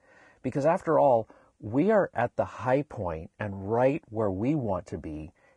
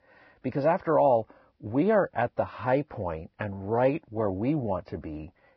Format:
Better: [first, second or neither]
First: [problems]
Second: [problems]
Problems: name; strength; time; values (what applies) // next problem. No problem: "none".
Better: first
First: garbled, watery; slightly; nothing above 10 kHz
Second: garbled, watery; badly